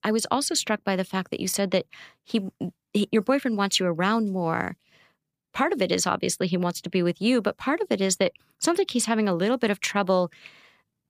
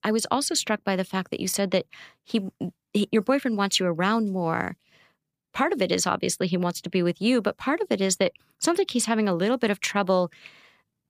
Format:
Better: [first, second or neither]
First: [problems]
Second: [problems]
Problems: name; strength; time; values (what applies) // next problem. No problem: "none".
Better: neither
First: none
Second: none